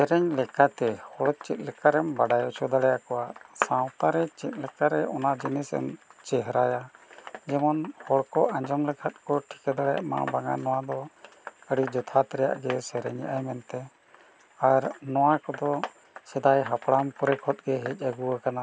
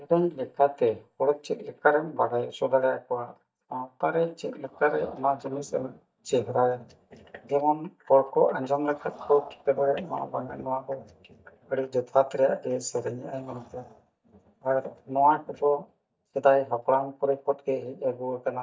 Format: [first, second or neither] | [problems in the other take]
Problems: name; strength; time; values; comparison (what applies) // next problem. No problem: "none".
first | noise reduction (neural mask model DeepFilterNet 3)